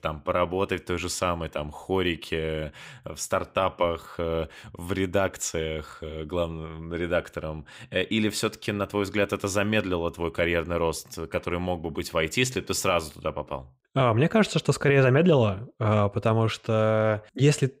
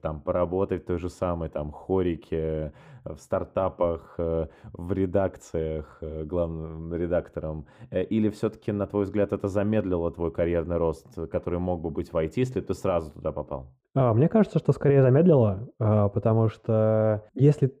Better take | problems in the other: first | muffled; very; fading above 1.5 kHz

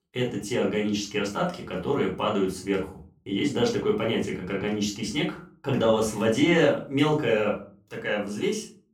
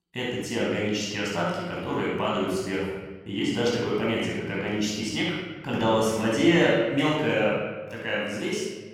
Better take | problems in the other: first | room echo; strong; dies away in 1.2 s; slight in the first // off-mic speech; far; far in the first

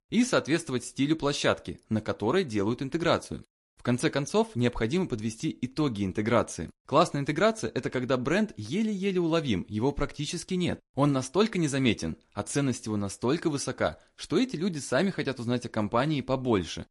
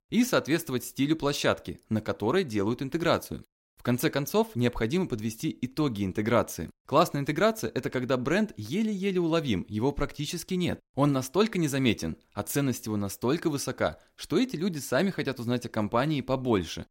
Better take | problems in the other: second | garbled, watery; slightly; nothing above 11 kHz

